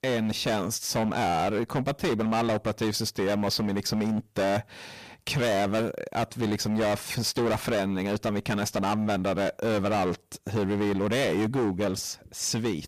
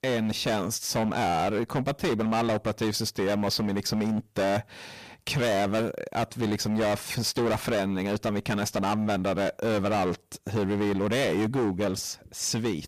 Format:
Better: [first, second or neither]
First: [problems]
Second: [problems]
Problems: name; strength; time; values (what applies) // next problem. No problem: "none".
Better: neither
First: distortion; heavy; 22% of the sound clipped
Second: distortion; heavy; 22% of the sound clipped